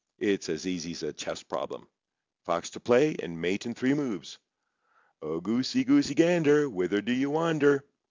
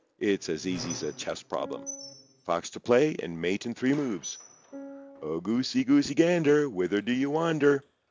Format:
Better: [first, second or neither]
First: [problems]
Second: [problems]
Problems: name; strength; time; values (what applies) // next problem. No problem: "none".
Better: first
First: none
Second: background sound (Piano + Squeak); 19 dB below the speech